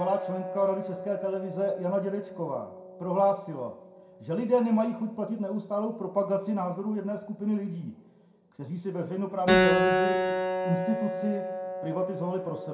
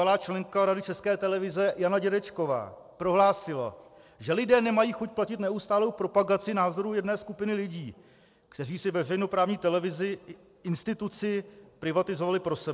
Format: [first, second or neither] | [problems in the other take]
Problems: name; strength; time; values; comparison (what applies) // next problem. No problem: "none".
second | background sound (Keyboard (musical)); 2 dB below the speech // room echo; dies away in 0.5 s